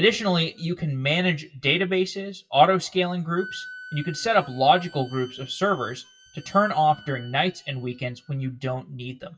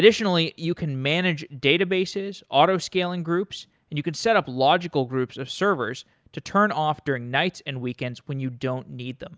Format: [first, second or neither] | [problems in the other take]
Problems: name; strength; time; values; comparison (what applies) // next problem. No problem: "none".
second | noise reduction (classical method WPE with log-MMSE)